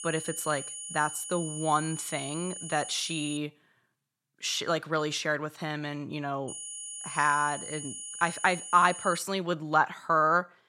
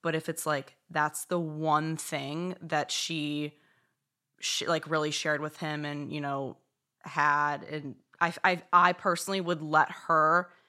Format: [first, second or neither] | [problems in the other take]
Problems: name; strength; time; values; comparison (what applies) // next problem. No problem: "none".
second | high-pitched whine; loud; until 3.5 s and from 6.5 to 9 s; 9.5 kHz, 9 dB below the speech